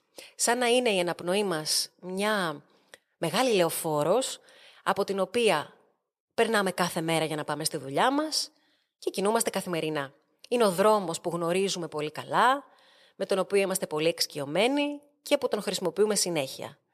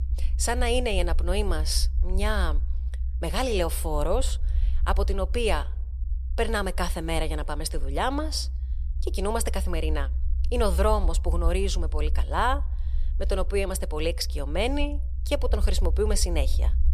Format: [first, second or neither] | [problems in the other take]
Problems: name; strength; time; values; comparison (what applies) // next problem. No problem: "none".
first | low rumble; faint; throughout; 20 dB below the speech